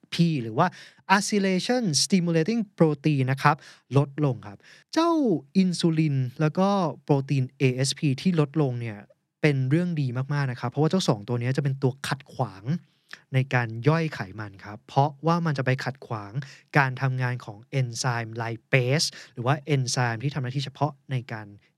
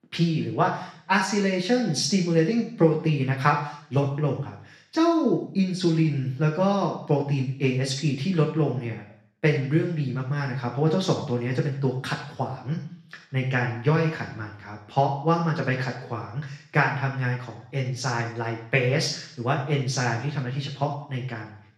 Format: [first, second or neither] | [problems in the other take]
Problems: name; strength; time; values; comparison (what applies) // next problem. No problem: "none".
first | room echo; noticeable; dies away in 0.6 s // off-mic speech; far